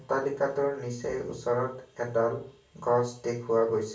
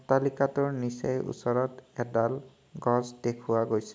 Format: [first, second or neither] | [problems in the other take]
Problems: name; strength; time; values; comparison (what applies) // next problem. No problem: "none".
second | room echo; dies away in 0.3 s